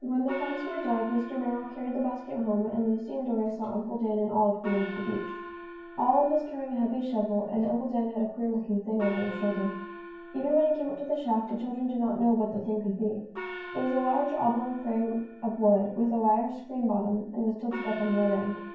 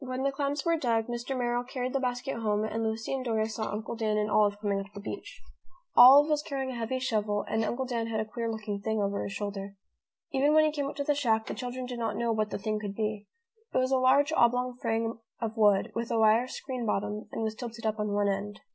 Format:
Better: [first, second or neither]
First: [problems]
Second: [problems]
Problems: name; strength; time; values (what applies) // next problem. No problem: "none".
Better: second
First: background sound (Gong); 14 dB below the speech // room echo; dies away in 0.9 s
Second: none